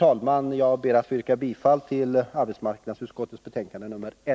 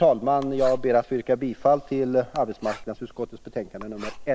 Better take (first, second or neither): first